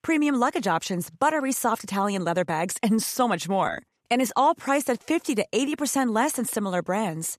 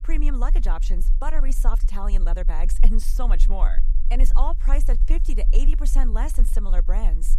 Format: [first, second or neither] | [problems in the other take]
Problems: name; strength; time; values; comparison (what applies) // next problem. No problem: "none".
first | low rumble; noticeable; throughout; 15 dB below the speech